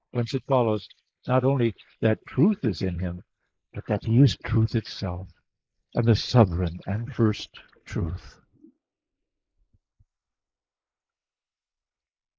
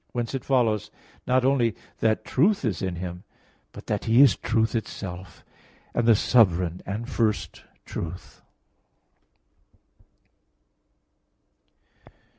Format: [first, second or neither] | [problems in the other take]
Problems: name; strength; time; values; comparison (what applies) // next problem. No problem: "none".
second | noise reduction (neural mask model Resemble Enhance denoiser)